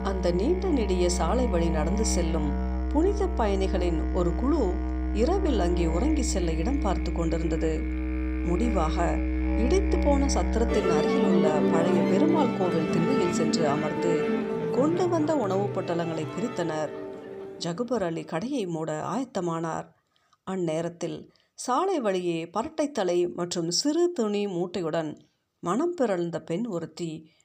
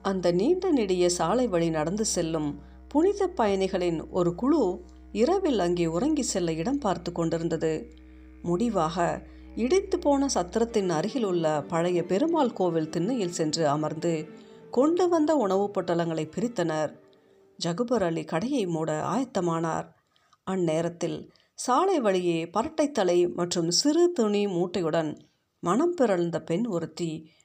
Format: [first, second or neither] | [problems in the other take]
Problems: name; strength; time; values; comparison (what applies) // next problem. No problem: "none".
second | background music; loud; until 18 s; as loud as the speech; faint in the second